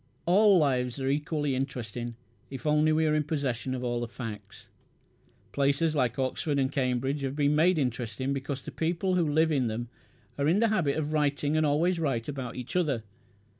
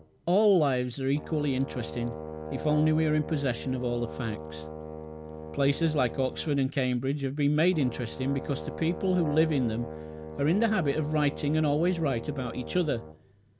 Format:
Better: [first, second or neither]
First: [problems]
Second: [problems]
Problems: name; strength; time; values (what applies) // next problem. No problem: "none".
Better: first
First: none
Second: background sound (Brass instrument); 11 dB below the speech